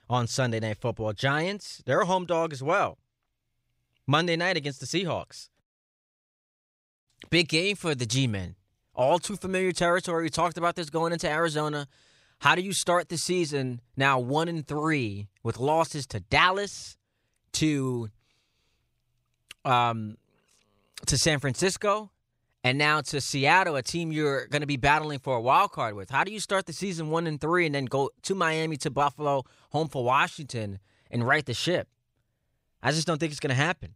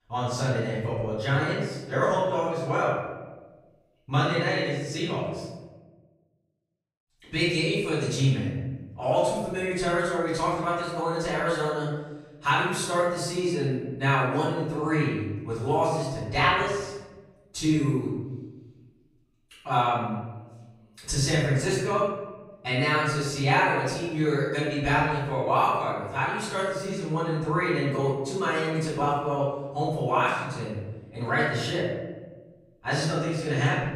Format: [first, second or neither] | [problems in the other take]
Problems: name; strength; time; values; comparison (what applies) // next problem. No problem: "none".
first | room echo; strong; dies away in 1.2 s // off-mic speech; far